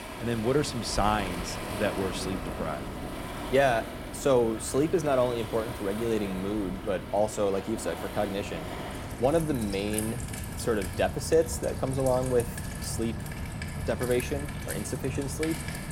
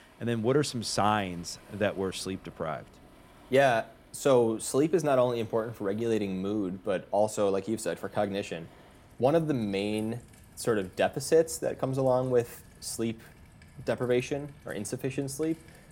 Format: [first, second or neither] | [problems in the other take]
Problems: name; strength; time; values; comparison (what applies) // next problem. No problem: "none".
second | rain or running water; loud; throughout; 7 dB below the speech; faint in the second